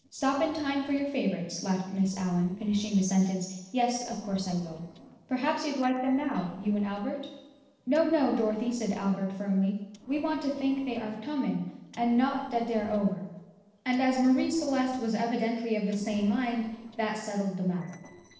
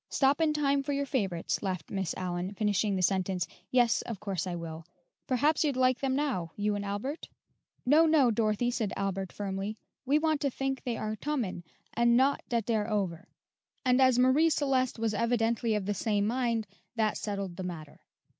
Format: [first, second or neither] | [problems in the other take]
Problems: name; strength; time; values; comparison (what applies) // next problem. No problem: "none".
second | noise reduction (neural separator model SepFormer DNS4)